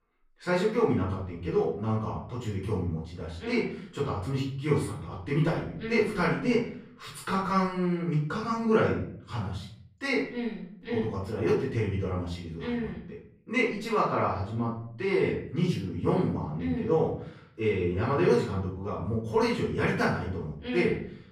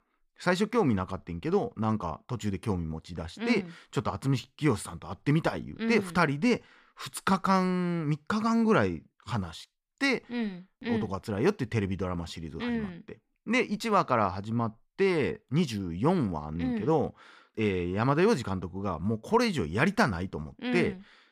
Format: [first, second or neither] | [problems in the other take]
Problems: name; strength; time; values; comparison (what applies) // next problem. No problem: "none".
second | room echo; noticeable; dies away in 0.5 s // off-mic speech; far